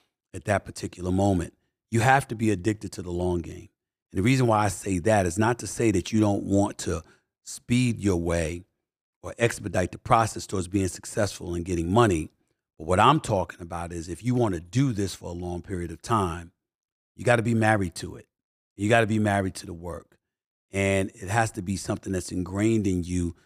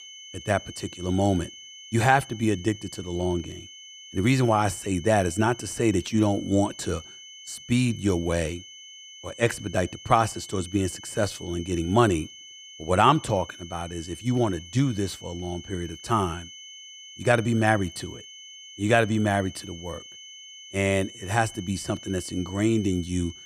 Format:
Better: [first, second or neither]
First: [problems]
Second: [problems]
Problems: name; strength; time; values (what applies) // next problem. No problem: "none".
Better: first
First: none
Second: high-pitched whine; noticeable; throughout; 3 kHz, 15 dB below the speech